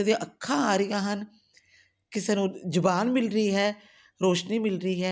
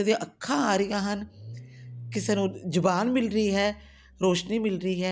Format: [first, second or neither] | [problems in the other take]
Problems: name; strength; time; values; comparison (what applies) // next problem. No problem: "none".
first | background sound (Engine starting / Car); 19 dB below the speech